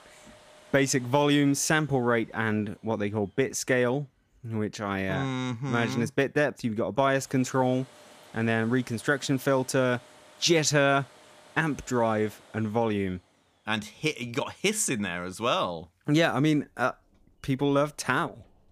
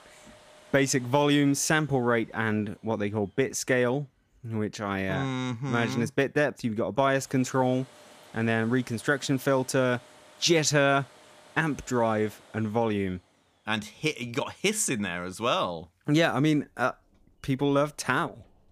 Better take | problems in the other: neither | household noises; faint; throughout; 25 dB below the speech; the same in both

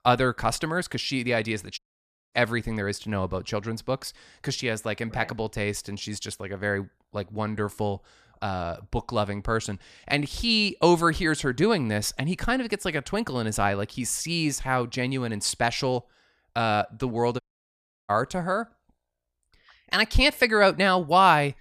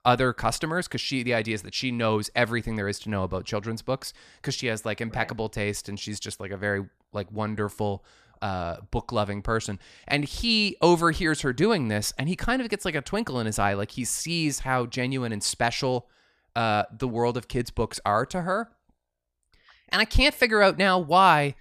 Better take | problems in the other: second | audio cutting out; at 2 s for 0.5 s and at 17 s for 0.5 s

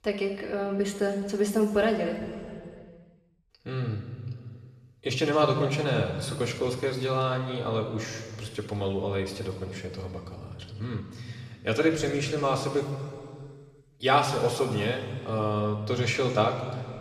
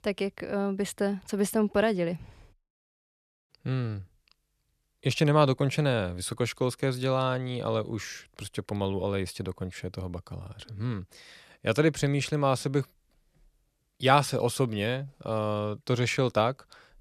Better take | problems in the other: second | room echo; noticeable; dies away in 2 s // off-mic speech; far

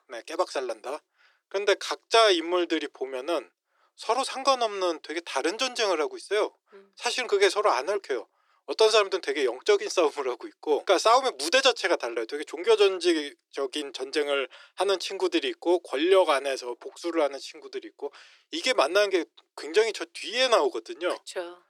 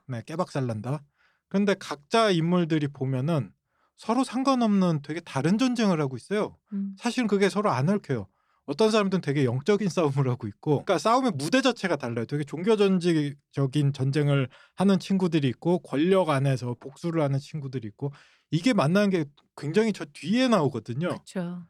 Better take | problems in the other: second | thin; very; fading below 350 Hz

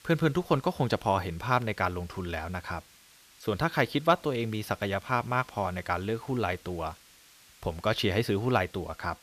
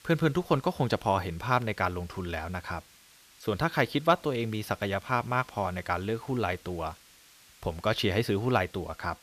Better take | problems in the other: neither | hiss; faint; throughout; 25 dB below the speech; the same in both

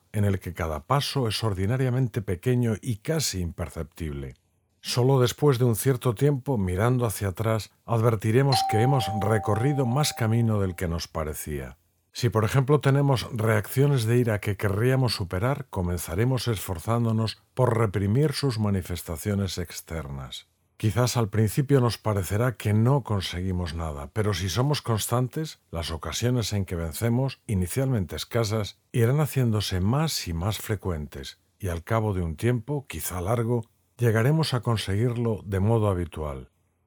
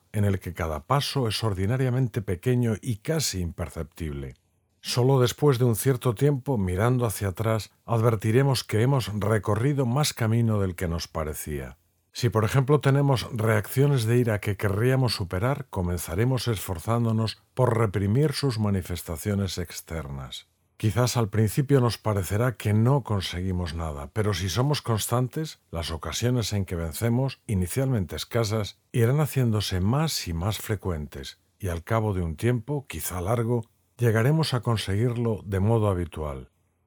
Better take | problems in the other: second | doorbell; noticeable; from 8.5 to 10 s; peak 1 dB below the speech

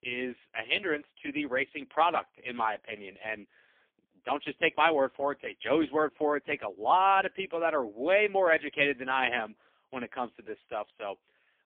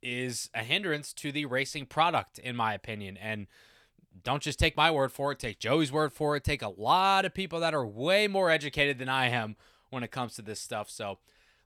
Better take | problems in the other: second | phone-call audio; poor line; nothing above 3.5 kHz

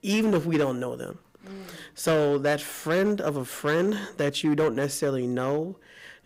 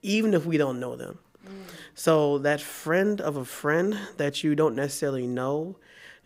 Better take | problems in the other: second | distortion; slight; 6% of the sound clipped

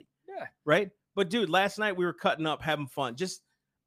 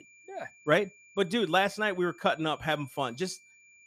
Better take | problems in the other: first | high-pitched whine; faint; throughout; 2.5 kHz, 25 dB below the speech

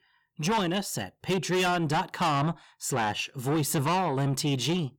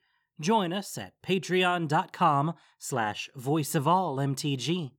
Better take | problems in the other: second | distortion; heavy; 7 dB below the speech

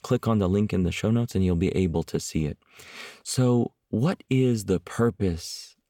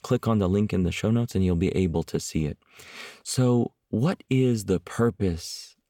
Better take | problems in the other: neither | none

